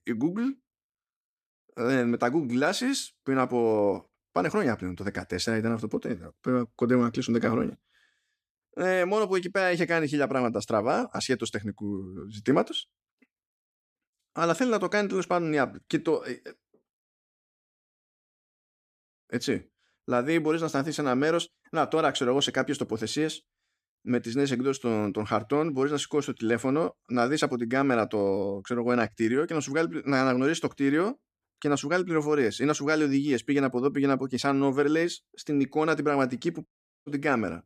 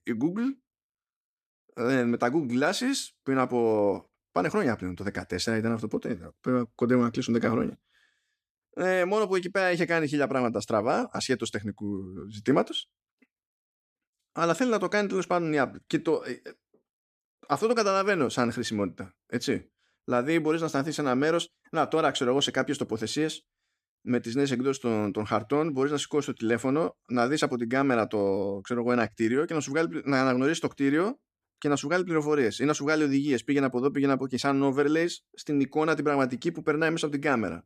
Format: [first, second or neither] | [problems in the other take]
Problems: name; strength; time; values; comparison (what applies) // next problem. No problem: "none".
second | audio cutting out; at 17 s for 2 s and at 37 s